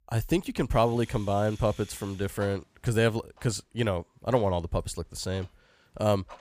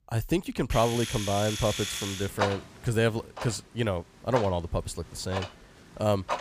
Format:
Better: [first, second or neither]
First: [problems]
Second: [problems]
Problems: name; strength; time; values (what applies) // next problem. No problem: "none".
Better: first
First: household noises; faint; throughout; 25 dB below the speech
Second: household noises; loud; throughout; 5 dB below the speech